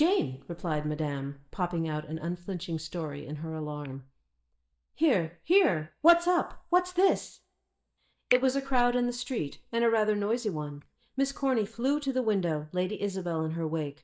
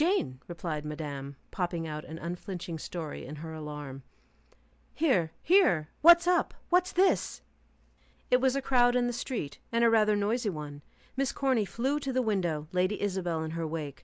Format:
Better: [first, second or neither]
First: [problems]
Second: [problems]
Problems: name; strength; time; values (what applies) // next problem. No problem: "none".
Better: second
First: noise reduction (neural mask model DeepFilterNet 3)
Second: none